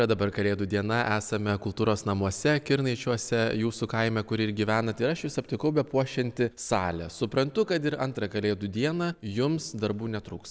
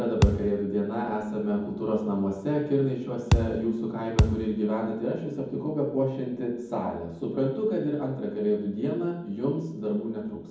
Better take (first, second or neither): first